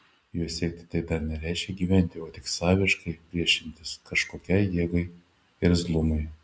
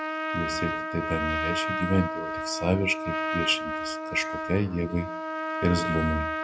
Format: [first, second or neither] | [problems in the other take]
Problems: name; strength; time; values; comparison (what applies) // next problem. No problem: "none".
first | background sound (Trumpet); 1 dB below the speech